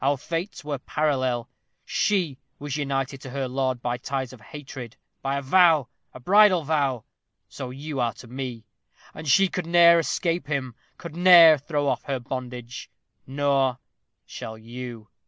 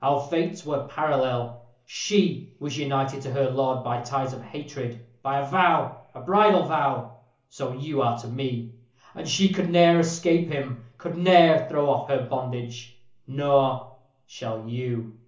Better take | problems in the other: first | room echo; dies away in 0.8 s

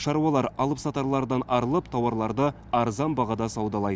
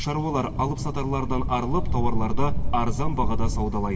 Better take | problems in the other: first | background sound (Thunder); 3 dB above the speech // room echo; dies away in 1.5 s

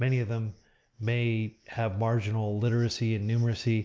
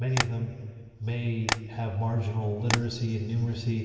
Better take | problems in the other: first | background sound (Tap); 7 dB below the speech // room echo; dies away in 1.9 s

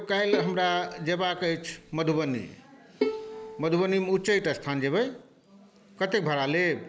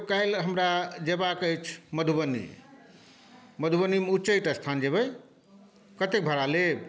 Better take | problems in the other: second | background sound (Bowed string instrument); 8 dB below the speech

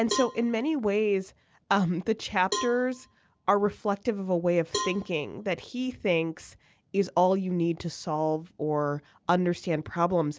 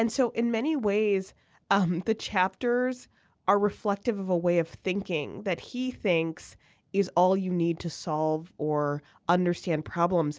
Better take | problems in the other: second | background sound (Cowbell); 12 dB below the speech

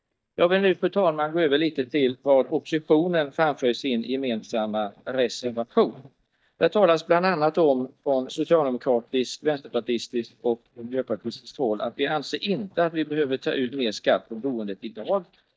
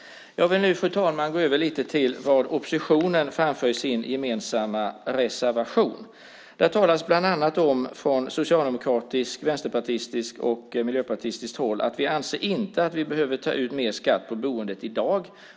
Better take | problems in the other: second | noise reduction (neural mask model DeepFilterNet 3)

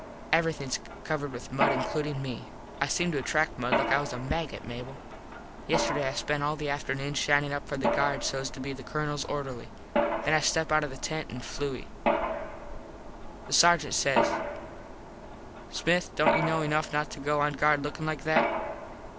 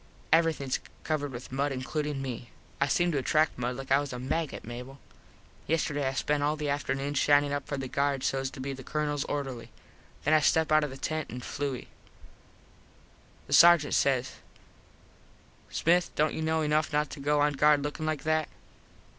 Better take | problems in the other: second | background sound (Mechanisms); 3 dB below the speech

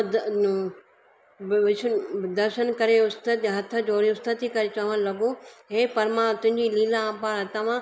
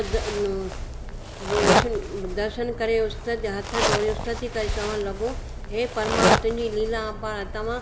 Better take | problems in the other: first | background sound (Zipper (clothing)); as loud as the speech

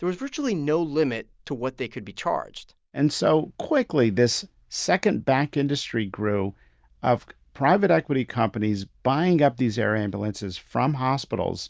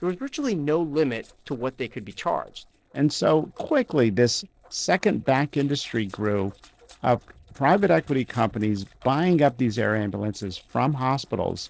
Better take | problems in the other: first | noise reduction (neural separator model SepFormer DNS4)

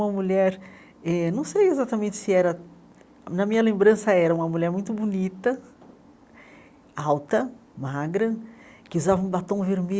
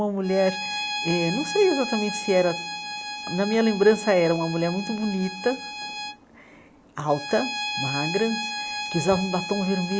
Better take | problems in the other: first | background sound (Bowed string instrument); 7 dB below the speech

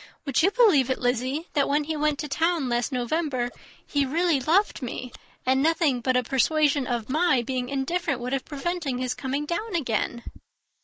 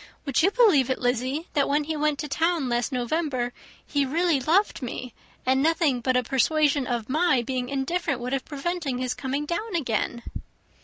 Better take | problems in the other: second | noise reduction (neural mask model Resemble Enhance denoiser)

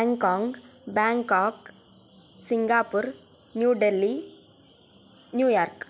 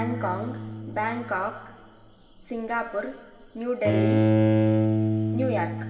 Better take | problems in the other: first | background sound (Bowed string instrument); 5 dB above the speech // room echo; dies away in 1.9 s

